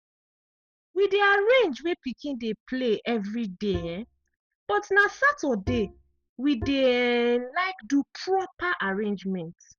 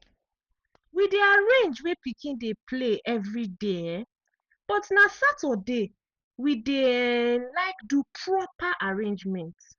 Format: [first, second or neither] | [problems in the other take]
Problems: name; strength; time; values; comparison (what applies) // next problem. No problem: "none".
second | noise reduction (neural mask model DeepFilterNet 3)